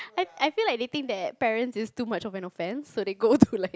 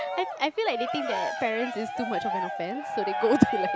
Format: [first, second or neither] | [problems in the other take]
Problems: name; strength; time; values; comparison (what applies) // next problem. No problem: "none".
first | background sound (Cheering); 3 dB below the speech